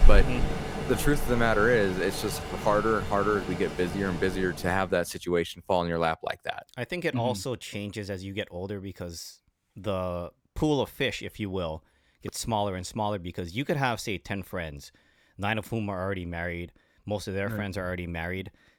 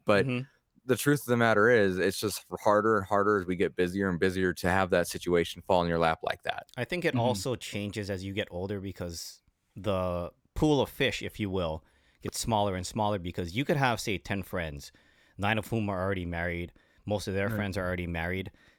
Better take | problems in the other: second | rain or running water; loud; until 4.5 s; 4 dB below the speech

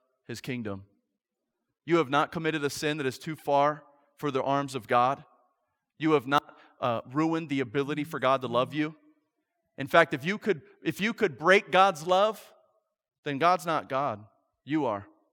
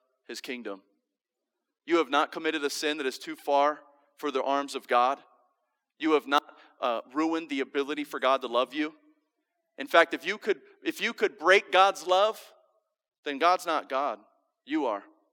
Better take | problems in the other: first | thin; very slightly; fading below 250 Hz

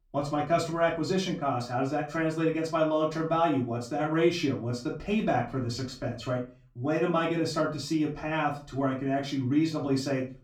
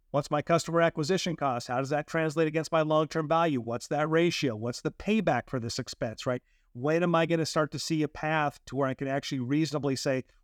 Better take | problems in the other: second | off-mic speech; far // room echo; slight; dies away in 0.3 s

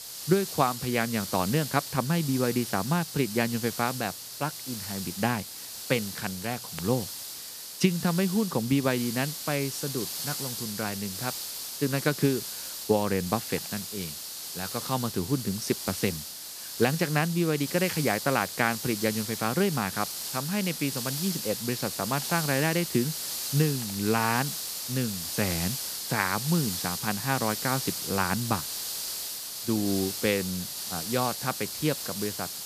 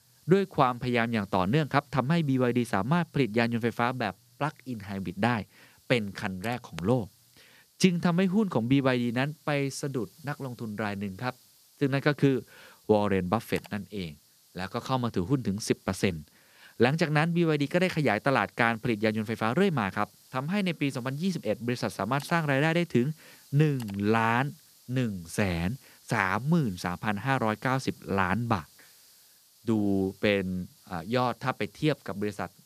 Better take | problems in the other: second | hiss; loud; throughout; 4 dB below the speech; faint in the second

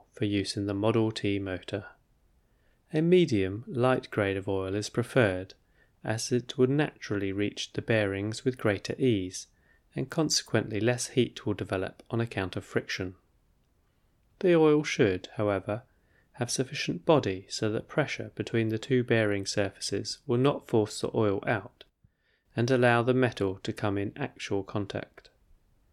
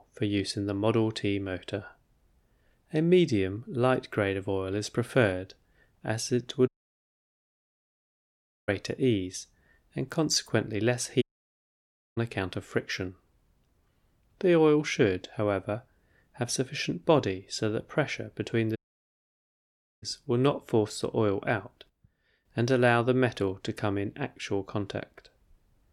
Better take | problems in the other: first | audio cutting out; at 6.5 s for 2 s, at 11 s for 1 s and at 19 s for 1.5 s

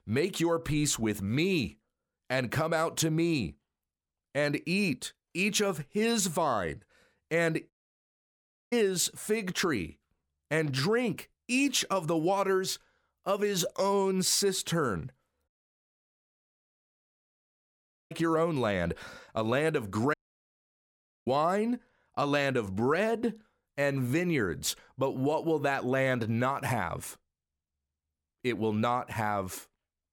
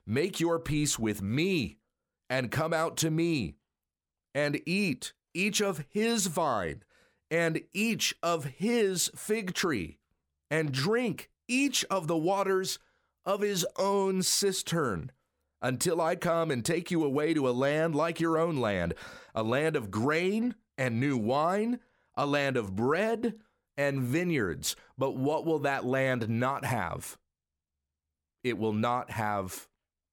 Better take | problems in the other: second | audio cutting out; at 7.5 s for 1 s, at 15 s for 2.5 s and at 20 s for 1 s

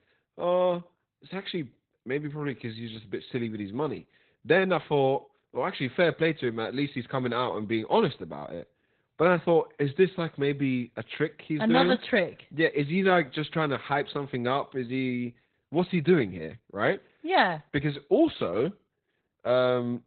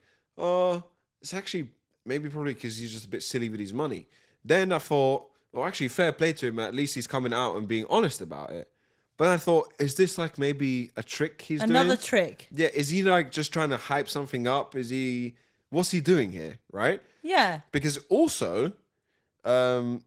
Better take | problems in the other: second | garbled, watery; badly; nothing above 4 kHz; slightly in the second

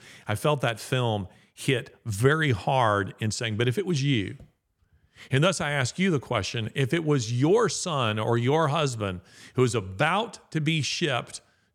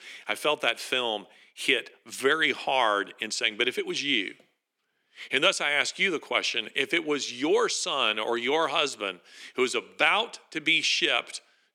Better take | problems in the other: first | thin; somewhat; fading below 300 Hz

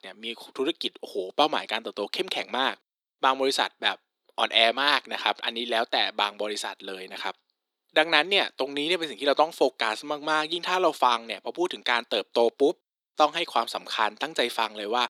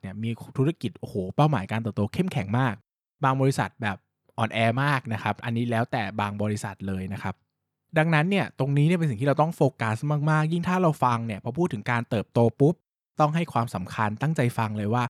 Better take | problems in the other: second | thin; very; fading below 300 Hz

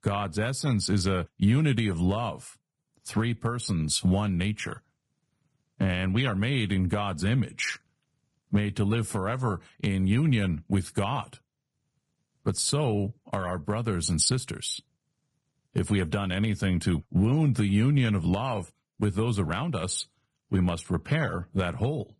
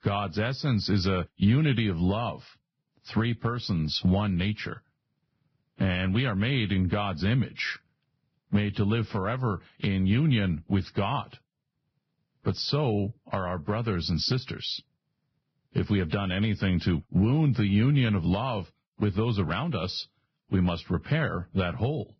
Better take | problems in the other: first | garbled, watery; badly; nothing above 5.5 kHz; slightly in the first

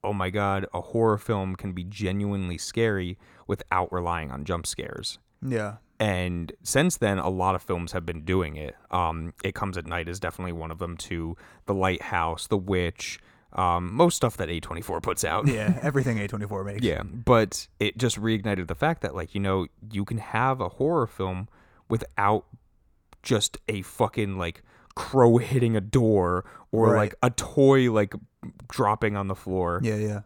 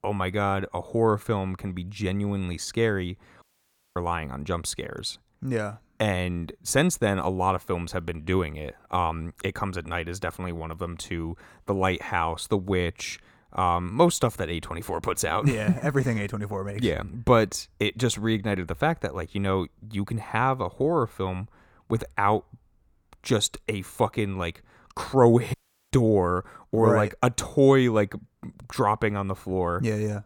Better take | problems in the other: first | audio cutting out; at 3.5 s for 0.5 s and at 26 s

